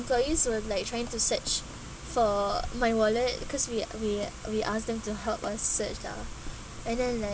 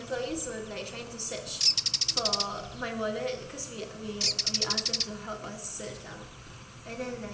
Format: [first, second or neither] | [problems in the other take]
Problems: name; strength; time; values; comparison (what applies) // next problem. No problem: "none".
first | background sound (Bird); 3 dB above the speech // room echo; dies away in 0.8 s